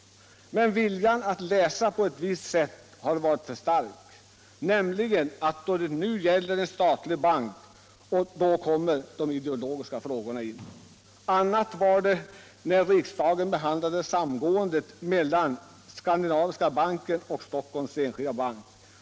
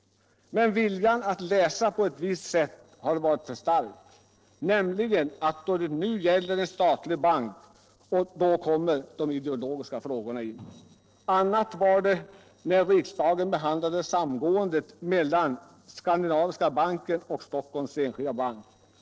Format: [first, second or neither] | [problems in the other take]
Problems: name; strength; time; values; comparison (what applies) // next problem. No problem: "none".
first | noise reduction (neural separator model SepFormer DNS4)